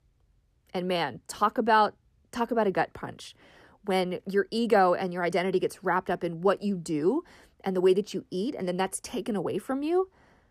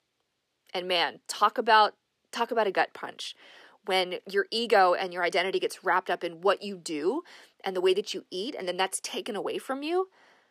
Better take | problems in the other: first | thin; somewhat; fading below 400 Hz

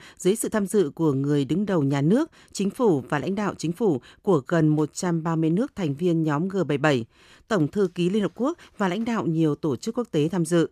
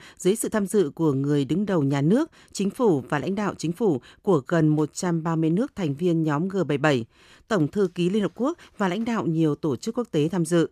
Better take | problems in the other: neither | none

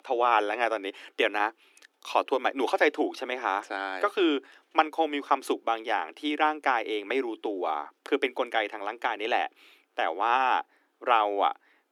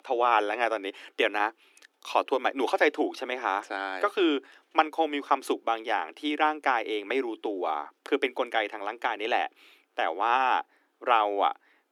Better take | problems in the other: neither | thin; very; fading below 300 Hz; the same in both

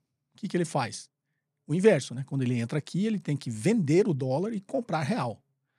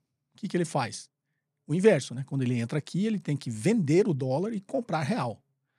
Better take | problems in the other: neither | none

